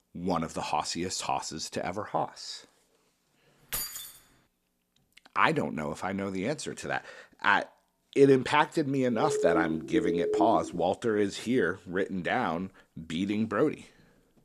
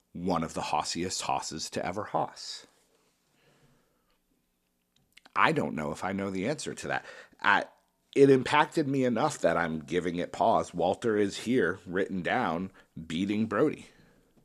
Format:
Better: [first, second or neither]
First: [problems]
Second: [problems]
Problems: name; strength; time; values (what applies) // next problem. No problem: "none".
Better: second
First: jangling keys; noticeable; at 3.5 s; peak 4 dB below the speech // siren; loud; from 9 to 11 s; peak level with the speech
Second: none